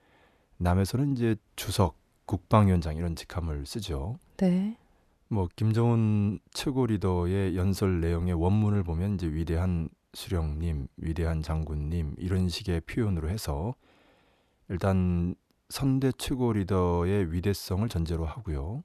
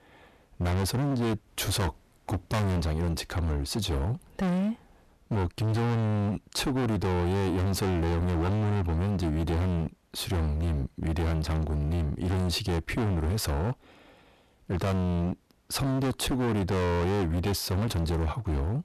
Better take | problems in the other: first | distortion; heavy; 36% of the sound clipped

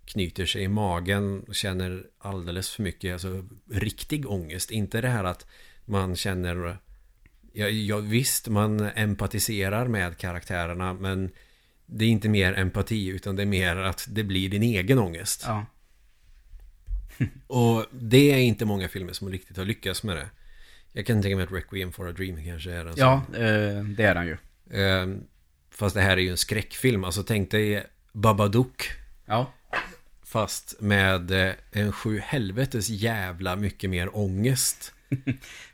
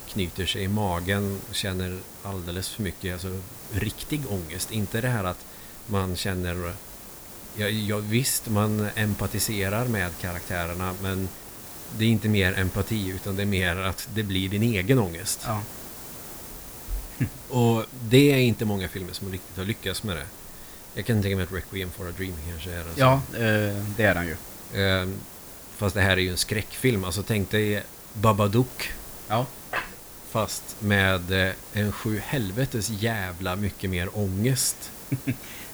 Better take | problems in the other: first | hiss; noticeable; throughout; 15 dB below the speech

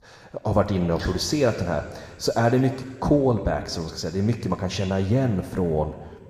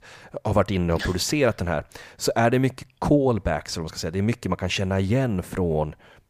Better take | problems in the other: second | room echo; slight; dies away in 1.6 s

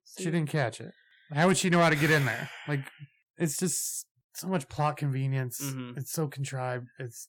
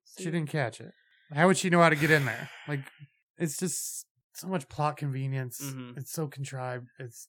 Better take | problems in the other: second | distortion; slight; 10 dB below the speech

